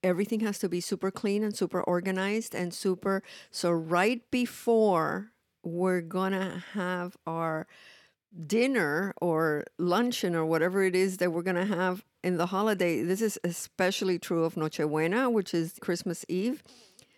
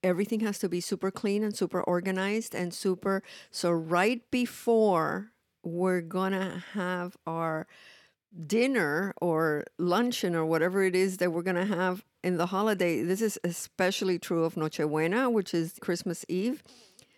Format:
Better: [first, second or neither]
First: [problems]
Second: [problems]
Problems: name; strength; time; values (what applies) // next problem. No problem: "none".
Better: neither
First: none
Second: none